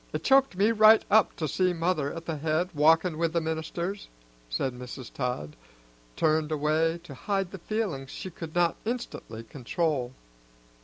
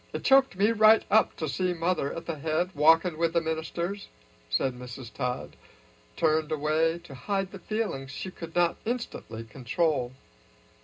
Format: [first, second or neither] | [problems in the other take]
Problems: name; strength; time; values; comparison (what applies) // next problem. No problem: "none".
first | room echo; dies away in 0.2 s